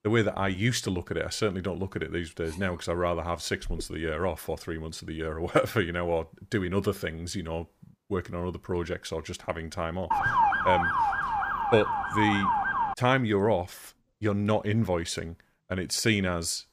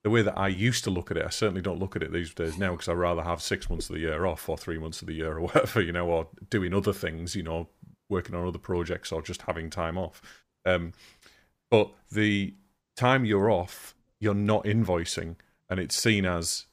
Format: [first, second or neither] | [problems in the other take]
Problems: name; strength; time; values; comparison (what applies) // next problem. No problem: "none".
second | siren; loud; from 10 to 13 s; peak 6 dB above the speech